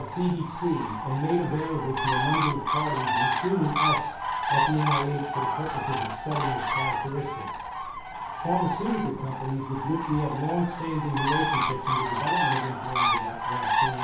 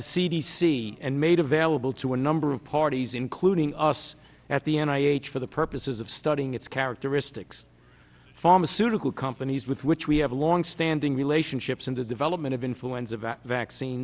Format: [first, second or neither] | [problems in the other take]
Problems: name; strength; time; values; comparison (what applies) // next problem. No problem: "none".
second | background sound (Bird); 1 dB above the speech // room echo; dies away in 0.6 s